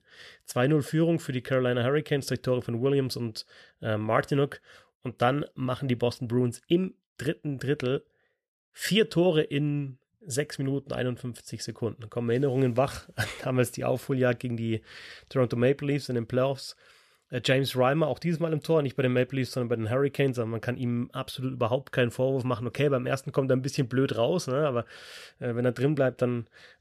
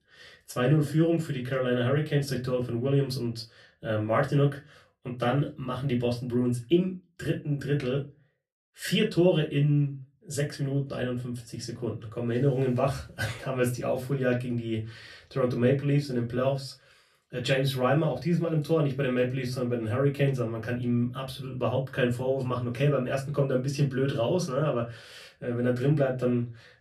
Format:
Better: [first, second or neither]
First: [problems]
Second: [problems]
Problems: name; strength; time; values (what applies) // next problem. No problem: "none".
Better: first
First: none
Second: off-mic speech; far // room echo; very slight; dies away in 0.2 s